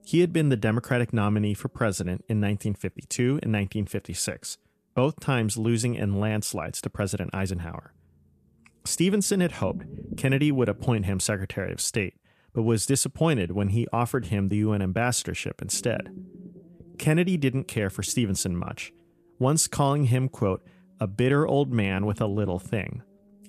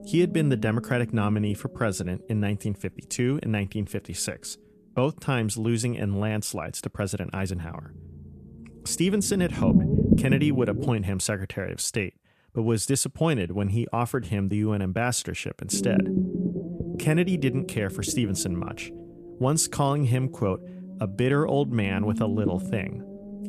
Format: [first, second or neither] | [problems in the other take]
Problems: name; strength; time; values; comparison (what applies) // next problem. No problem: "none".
first | low rumble; loud; until 11 s and from 16 s on; 7 dB below the speech; faint in the first